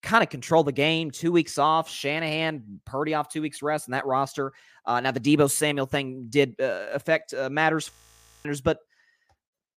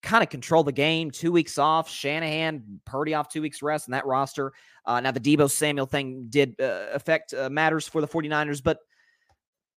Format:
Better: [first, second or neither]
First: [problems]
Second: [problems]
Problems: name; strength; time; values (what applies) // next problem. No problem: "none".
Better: second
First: audio freezing; at 8 s for 0.5 s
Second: none